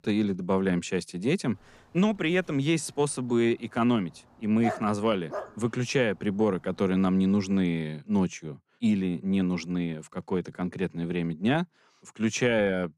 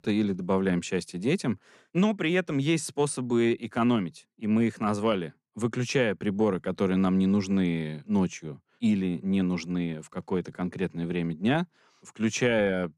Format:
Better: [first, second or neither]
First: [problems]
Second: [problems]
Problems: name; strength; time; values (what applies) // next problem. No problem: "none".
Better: second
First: dog barking; noticeable; at 4.5 s; peak 7 dB below the speech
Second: none